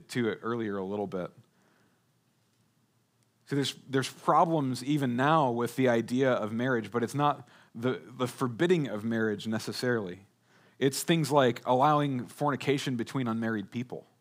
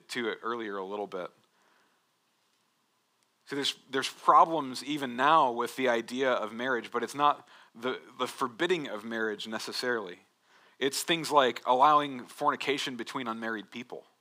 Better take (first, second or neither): first